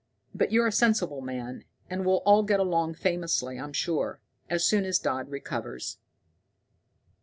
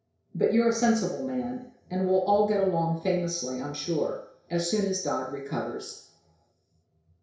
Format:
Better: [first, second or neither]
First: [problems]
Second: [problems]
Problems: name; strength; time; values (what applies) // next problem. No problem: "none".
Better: first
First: none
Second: room echo; dies away in 0.6 s